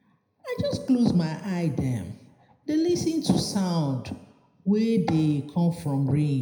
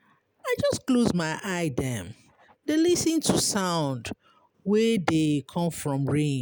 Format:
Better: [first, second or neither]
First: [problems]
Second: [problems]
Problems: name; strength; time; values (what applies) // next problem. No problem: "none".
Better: second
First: room echo; dies away in 0.7 s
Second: none